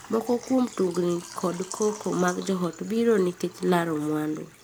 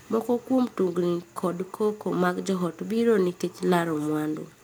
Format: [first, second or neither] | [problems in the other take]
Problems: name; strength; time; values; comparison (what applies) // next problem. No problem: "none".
second | background sound (Water / Liquid); 18 dB below the speech